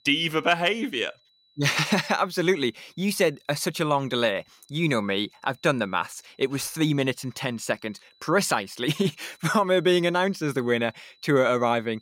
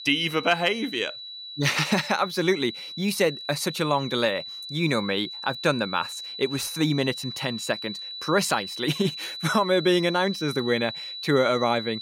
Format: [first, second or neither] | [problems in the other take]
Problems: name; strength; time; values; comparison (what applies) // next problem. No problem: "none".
first | high-pitched whine; loud; throughout; 4 kHz, 9 dB below the speech; faint in the first